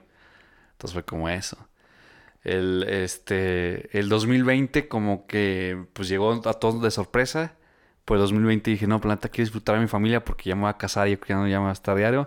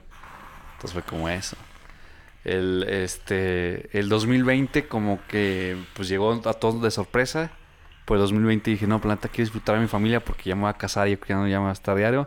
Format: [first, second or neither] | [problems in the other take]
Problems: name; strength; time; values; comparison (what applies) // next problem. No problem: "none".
first | hiss; faint; throughout; 25 dB below the speech